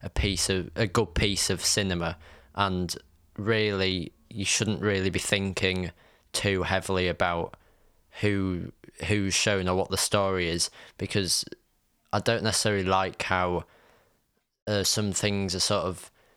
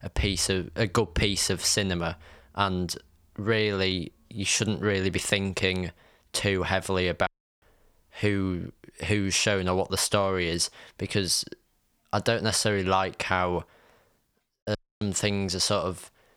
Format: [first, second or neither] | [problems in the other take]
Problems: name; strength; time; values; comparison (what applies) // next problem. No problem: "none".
first | audio cutting out; at 7.5 s and at 15 s